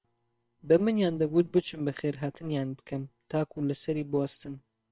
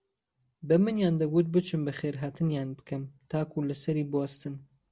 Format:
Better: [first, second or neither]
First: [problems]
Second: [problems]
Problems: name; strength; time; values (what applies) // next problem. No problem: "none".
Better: second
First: noise reduction (neural separator model SepFormer WHAM!)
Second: none